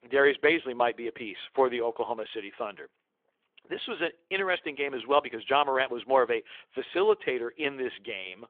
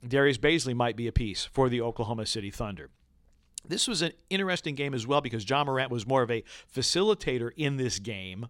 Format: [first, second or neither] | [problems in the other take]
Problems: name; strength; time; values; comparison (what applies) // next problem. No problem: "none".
second | phone-call audio; nothing above 3.5 kHz